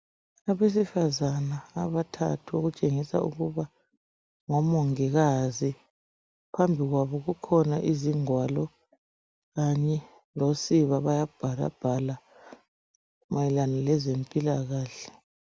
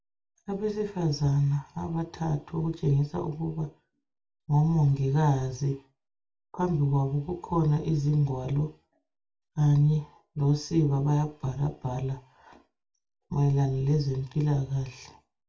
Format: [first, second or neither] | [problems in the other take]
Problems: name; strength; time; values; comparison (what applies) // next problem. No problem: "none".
first | room echo; dies away in 0.2 s